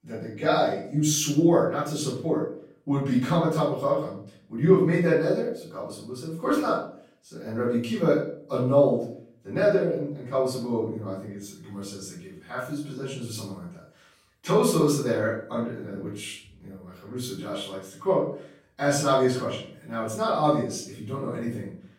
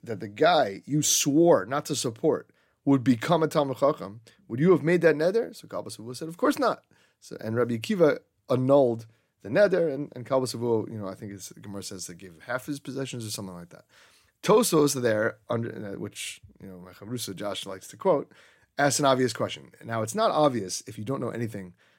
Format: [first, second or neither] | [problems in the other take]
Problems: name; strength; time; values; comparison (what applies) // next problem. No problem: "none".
second | off-mic speech; far // room echo; noticeable; dies away in 0.4 s